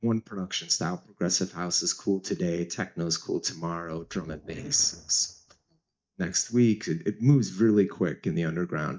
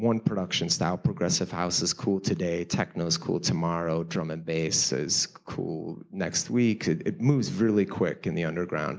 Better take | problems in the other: second | noise reduction (neural mask model DeepFilterNet 3)

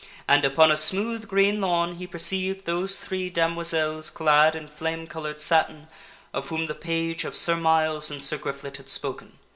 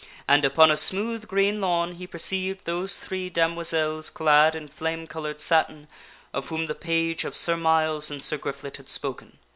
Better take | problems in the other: second | room echo; dies away in 0.5 s

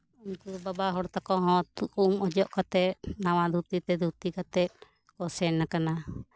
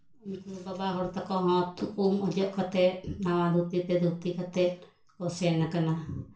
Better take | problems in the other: first | room echo; dies away in 0.3 s

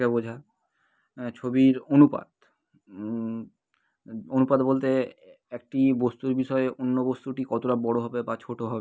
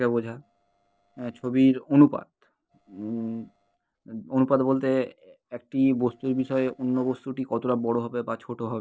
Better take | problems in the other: first | noise reduction (neural separator model SepFormer DNS4)

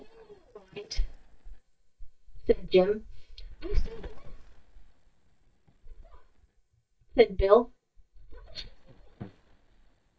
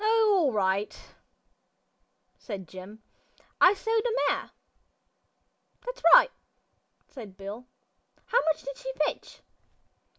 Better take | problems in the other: second | noise reduction (neural mask model DeepFilterNet 3)

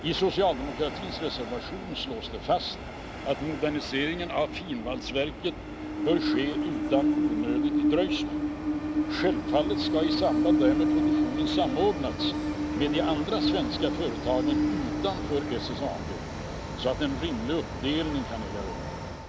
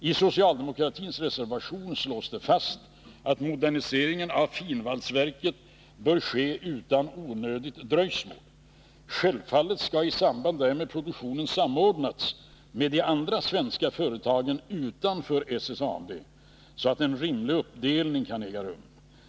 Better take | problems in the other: second | background sound (Train); 1 dB above the speech

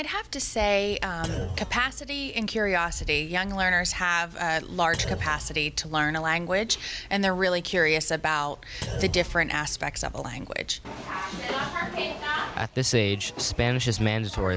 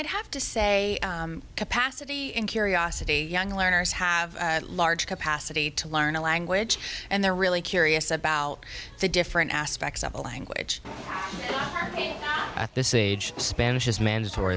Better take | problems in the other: second | background sound (Thump, thud); 10 dB below the speech

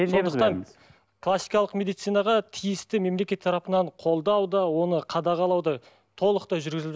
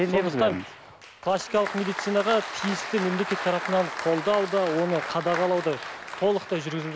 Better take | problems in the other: first | background sound (Applause); 9 dB below the speech

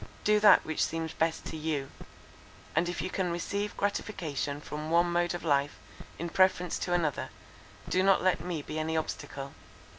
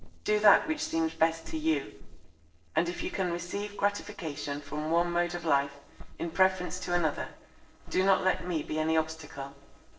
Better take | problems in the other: first | noise reduction (neural separator model SepFormer DNS4)

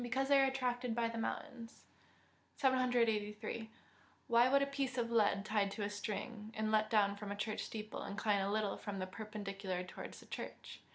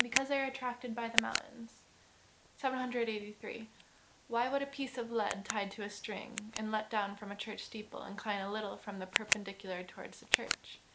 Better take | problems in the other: first | background sound (Tick); 3 dB below the speech

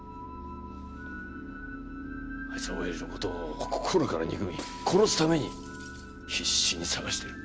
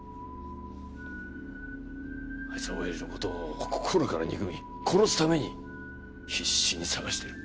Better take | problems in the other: second | background sound (Shatter + Wind instrument, woodwind instrument); 20 dB below the speech

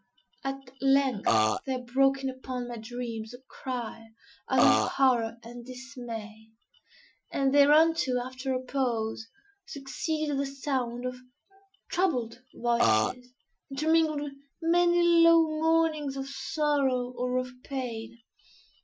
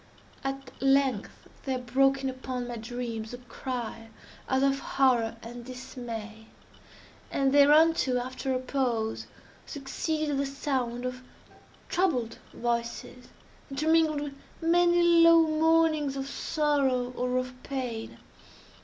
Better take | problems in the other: second | noise reduction (classical method Wiener filter)

